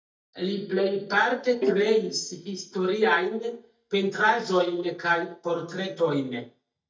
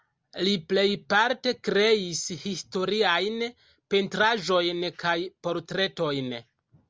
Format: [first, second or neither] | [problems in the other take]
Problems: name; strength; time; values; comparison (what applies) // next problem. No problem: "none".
second | noise reduction (neural mask model DeepFilterNet 3)